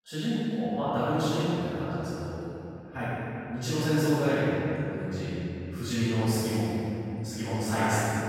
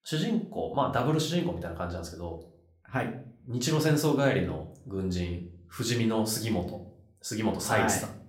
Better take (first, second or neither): second